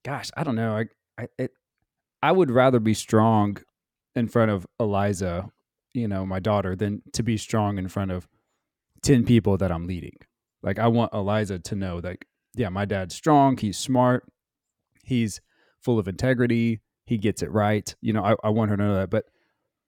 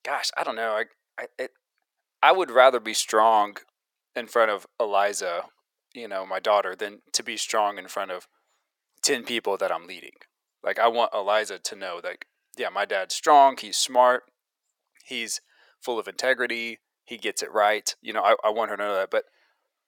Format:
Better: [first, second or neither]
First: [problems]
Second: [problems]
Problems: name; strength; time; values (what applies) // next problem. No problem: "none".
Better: first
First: none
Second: thin; very; fading below 600 Hz